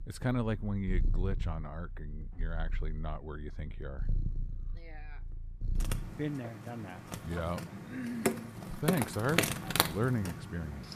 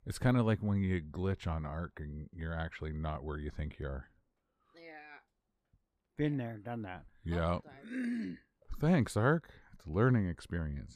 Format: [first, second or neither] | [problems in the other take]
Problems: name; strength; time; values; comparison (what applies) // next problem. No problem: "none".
second | animal sounds; very loud; throughout; as loud as the speech